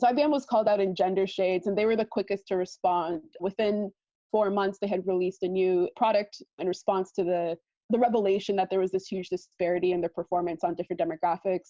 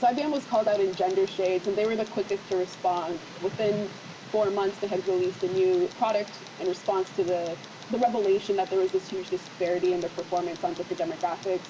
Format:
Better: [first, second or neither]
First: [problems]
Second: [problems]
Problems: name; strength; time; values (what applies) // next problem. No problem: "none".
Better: first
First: none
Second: background sound (Tick); 15 dB below the speech // room echo; dies away in 0.5 s